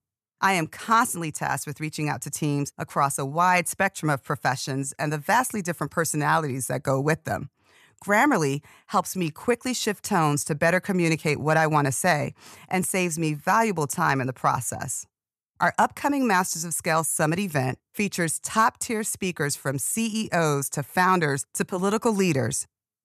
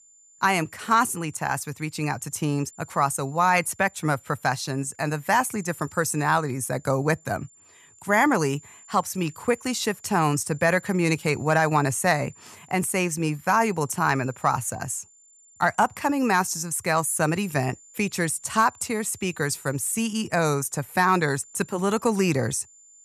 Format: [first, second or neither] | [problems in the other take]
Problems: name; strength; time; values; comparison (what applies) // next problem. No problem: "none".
first | high-pitched whine; faint; throughout; 7 kHz, 25 dB below the speech